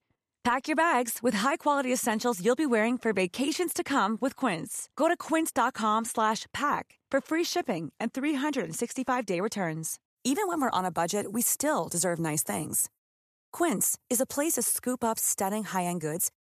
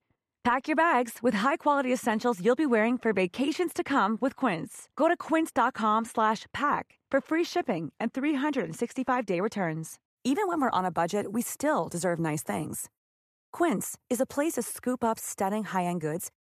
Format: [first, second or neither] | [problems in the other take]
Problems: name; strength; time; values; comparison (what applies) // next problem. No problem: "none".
first | muffled; slightly; fading above 4 kHz